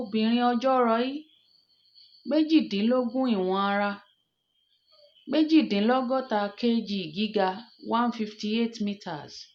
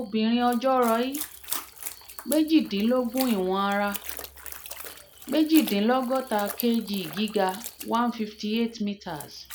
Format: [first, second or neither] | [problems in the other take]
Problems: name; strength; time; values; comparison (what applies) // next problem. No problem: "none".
first | background sound (Trickle, dribble / Splash, splatter); 13 dB below the speech